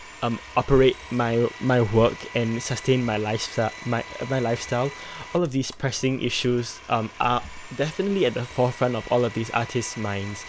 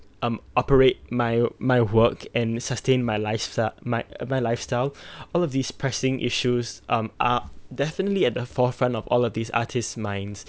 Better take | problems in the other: second | background sound (Domestic sounds, home sounds); 17 dB below the speech

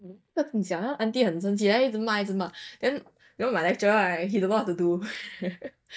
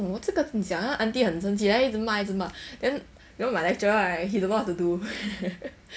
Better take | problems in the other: second | noise reduction (neural mask model DeepFilterNet 3)

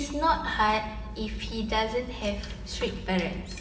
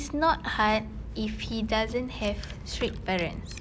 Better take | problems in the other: second | room echo; dies away in 1.1 s

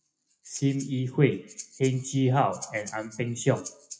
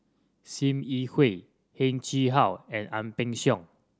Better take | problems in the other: second | noise reduction (classical method WPE with log-MMSE)

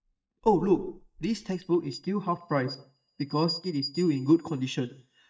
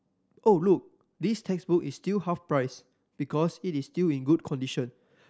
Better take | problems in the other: second | noise reduction (neural mask model DeepFilterNet 3)

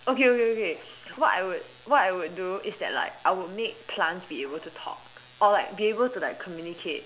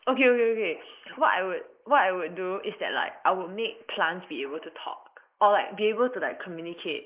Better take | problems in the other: first | noise reduction (neural mask model Resemble Enhance denoiser)

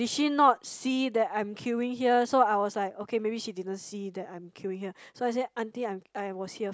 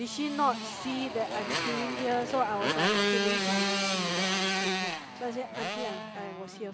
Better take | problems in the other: first | background sound (Motorcycle); 3 dB above the speech

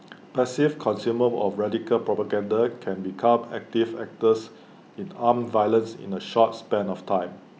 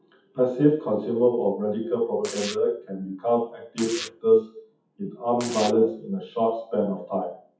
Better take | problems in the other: first | noise reduction (classical method WPE with log-MMSE)

